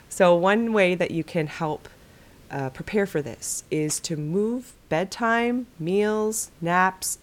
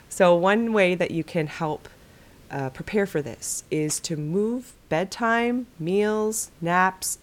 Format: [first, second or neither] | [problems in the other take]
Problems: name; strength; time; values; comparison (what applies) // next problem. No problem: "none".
neither | hiss; faint; throughout; 30 dB below the speech; the same in both